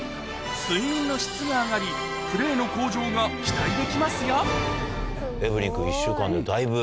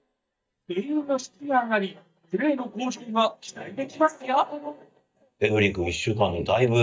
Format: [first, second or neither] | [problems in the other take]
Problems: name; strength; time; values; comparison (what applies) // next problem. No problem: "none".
first | noise reduction (neural mask model DeepFilterNet 3)